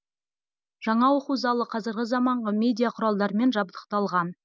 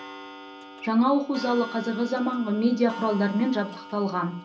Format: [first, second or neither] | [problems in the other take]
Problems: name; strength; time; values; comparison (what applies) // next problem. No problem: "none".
first | background sound (Clock); 15 dB below the speech // room echo; dies away in 0.3 s